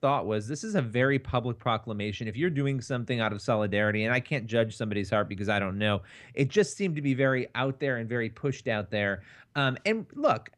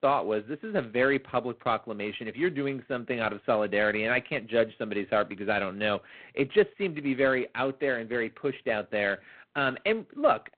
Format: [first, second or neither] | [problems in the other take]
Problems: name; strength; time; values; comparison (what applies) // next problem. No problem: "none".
first | phone-call audio; poor line; nothing above 4 kHz